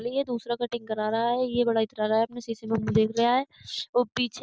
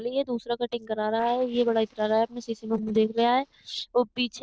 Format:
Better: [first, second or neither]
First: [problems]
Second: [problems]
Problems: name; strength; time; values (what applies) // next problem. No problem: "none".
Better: first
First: none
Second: noise reduction (neural separator model SepFormer DNS4)